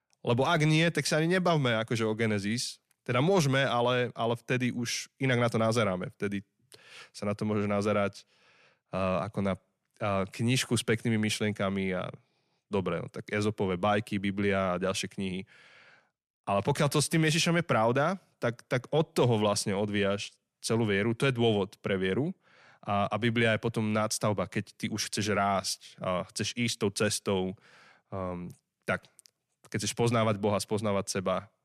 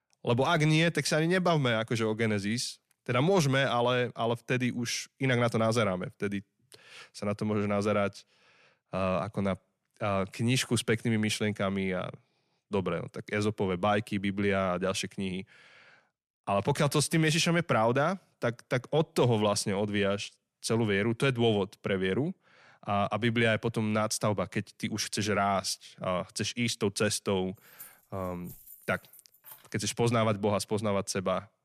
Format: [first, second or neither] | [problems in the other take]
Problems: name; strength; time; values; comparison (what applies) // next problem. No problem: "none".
first | jangling keys; faint; from 28 to 30 s; peak 20 dB below the speech